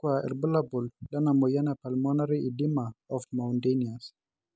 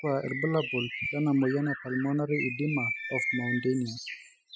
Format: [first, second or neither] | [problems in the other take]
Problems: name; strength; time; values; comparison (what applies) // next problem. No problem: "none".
first | noise reduction (classical method spectral subtraction)